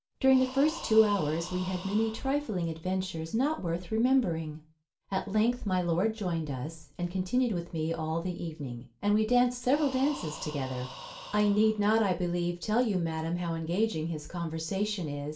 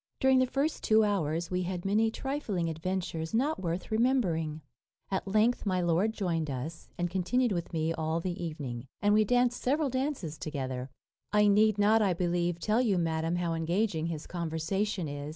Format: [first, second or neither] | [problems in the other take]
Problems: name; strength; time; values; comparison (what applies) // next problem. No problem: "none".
second | background sound (Breathing); 17 dB below the speech // room echo; dies away in 0.3 s